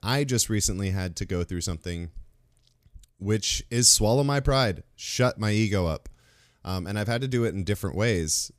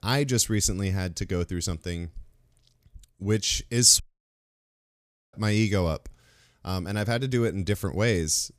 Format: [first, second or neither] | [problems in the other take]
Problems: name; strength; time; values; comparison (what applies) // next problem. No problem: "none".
first | audio cutting out; at 4 s for 1.5 s